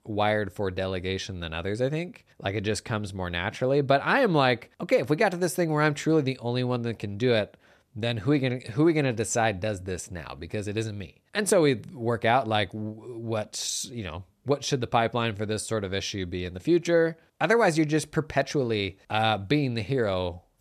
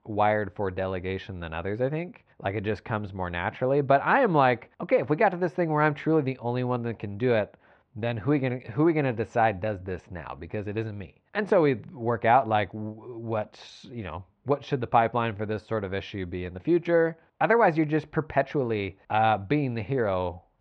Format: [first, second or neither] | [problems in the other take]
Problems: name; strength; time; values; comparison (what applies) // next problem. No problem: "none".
first | muffled; very; fading above 2.5 kHz